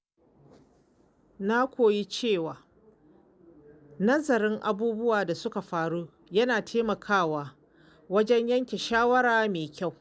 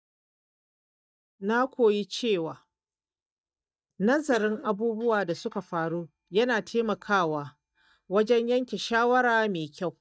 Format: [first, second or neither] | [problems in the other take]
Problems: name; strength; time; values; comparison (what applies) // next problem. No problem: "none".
first | noise reduction (neural mask model DeepFilterNet 3)